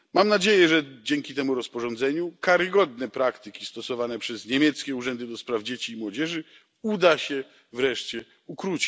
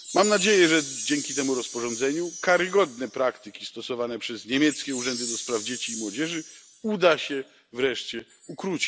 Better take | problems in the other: first | background sound (Chime); 11 dB below the speech

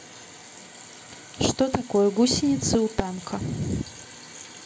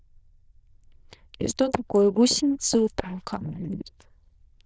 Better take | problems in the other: first | noise reduction (neural diffusion model UNIVERSE++)

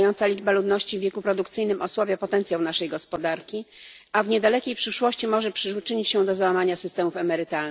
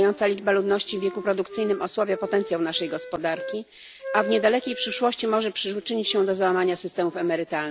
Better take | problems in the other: first | background sound (Wind instrument, woodwind instrument); 14 dB below the speech

